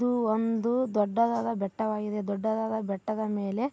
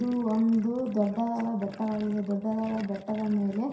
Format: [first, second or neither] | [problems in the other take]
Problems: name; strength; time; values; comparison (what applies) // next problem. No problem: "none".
first | background sound (Gurgling); 20 dB below the speech // room echo; dies away in 0.7 s